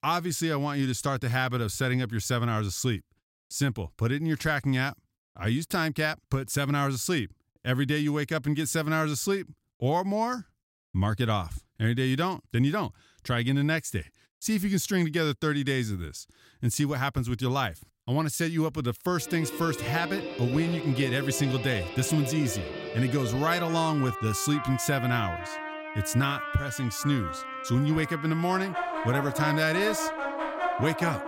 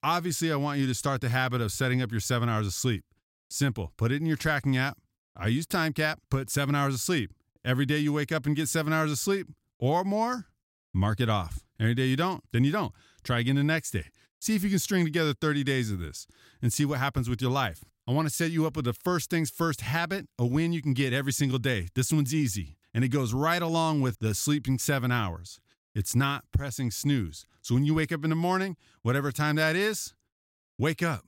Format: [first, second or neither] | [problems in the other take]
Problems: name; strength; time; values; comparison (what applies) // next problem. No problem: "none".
second | background music; loud; from 19 s on; 6 dB below the speech